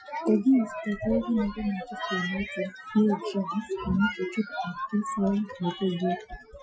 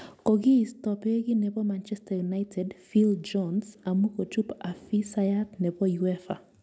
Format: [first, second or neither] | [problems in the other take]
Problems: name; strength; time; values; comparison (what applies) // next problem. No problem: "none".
second | noise reduction (classical method Wiener filter)